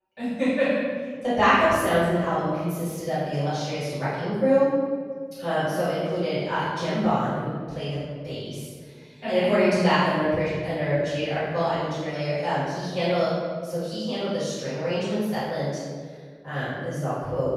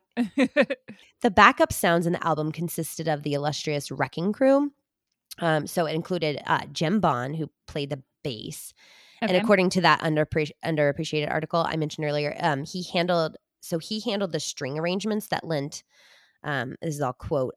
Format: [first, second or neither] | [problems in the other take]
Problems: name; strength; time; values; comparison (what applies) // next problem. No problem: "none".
second | off-mic speech; far // room echo; strong; dies away in 1.6 s